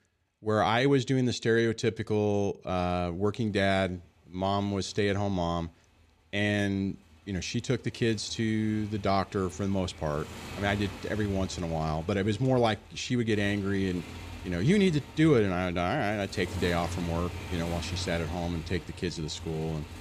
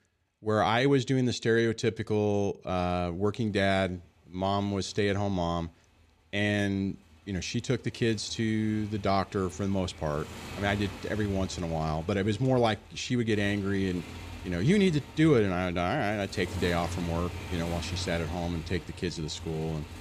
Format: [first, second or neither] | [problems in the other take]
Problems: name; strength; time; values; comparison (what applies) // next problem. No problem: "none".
neither | traffic noise; noticeable; throughout; 15 dB below the speech; the same in both